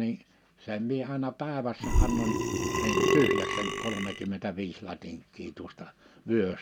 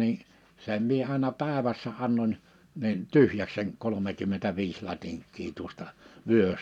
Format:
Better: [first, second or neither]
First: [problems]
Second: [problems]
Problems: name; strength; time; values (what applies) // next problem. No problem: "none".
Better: second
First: background sound (Burping, eructation); 5 dB above the speech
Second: none